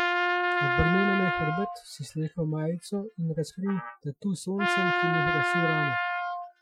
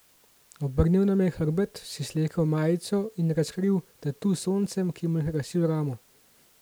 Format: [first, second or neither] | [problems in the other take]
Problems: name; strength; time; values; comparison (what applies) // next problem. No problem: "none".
second | noise reduction (classical method Wiener filter)